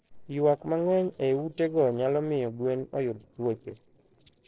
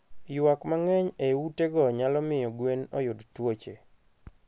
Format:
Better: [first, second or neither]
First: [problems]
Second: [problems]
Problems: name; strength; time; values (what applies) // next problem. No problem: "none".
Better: second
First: noise reduction (neural separator model SepFormer DNS4)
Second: none